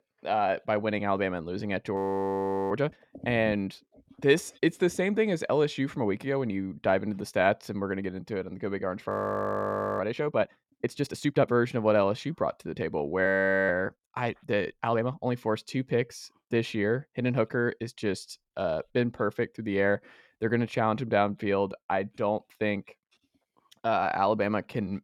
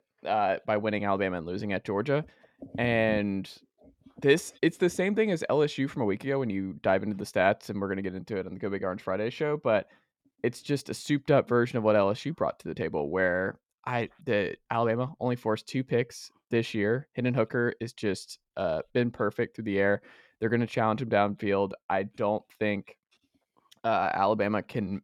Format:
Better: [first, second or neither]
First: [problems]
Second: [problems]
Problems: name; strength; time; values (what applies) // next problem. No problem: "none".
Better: second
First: audio freezing; at 2 s for 1 s, at 9 s for 1 s and at 13 s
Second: none